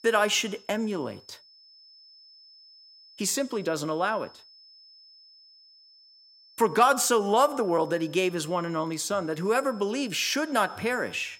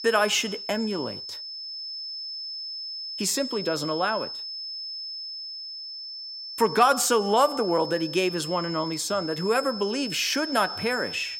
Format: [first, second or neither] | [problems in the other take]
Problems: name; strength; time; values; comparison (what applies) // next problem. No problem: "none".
first | high-pitched whine; loud; throughout; 5 kHz, 8 dB below the speech; faint in the first